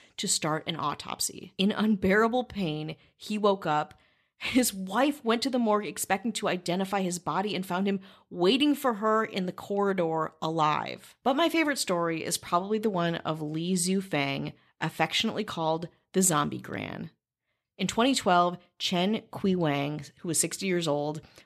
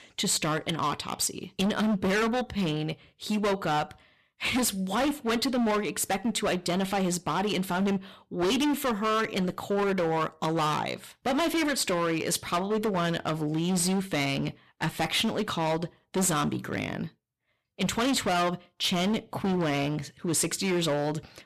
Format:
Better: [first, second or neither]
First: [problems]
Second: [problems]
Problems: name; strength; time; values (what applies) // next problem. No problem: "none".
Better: first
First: none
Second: distortion; heavy; 19% of the sound clipped